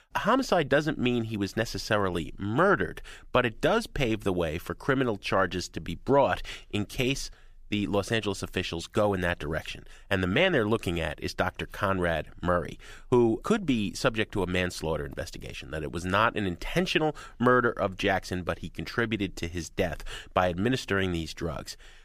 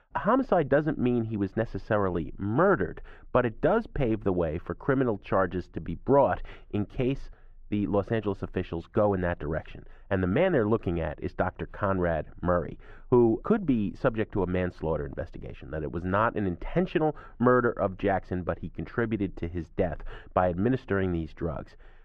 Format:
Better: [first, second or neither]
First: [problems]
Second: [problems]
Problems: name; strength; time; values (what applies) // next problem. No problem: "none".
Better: first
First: none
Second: muffled; very; fading above 3.5 kHz